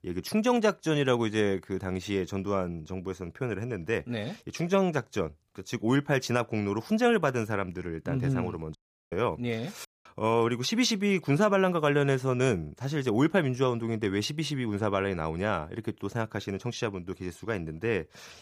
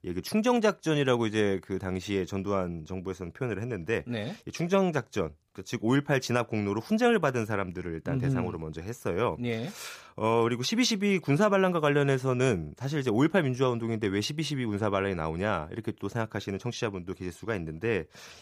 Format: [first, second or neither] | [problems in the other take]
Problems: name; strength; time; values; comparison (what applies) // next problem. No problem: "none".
second | audio cutting out; at 9 s and at 10 s